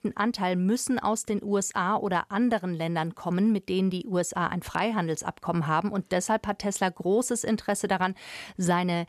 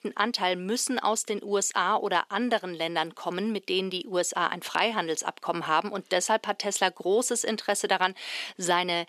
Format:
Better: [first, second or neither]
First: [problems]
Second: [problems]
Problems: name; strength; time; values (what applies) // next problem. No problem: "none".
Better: first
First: none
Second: thin; somewhat; fading below 300 Hz